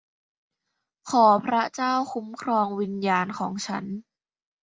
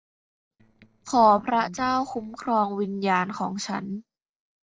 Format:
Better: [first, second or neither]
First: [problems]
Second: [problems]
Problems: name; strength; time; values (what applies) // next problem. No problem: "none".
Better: first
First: none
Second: noise reduction (neural separator model SepFormer DNS4)